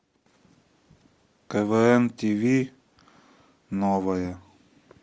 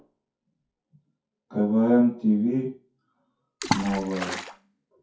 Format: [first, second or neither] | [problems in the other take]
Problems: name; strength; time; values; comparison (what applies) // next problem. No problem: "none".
first | noise reduction (classical method WPE with log-MMSE)